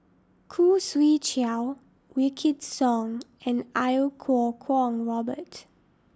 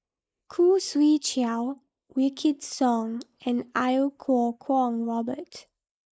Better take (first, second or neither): first